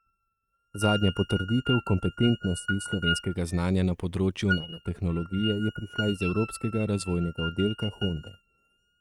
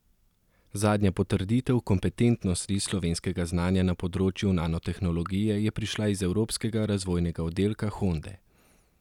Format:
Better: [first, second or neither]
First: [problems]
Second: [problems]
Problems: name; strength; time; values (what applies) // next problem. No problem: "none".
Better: second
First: noise reduction (neural mask model RNNoise)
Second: none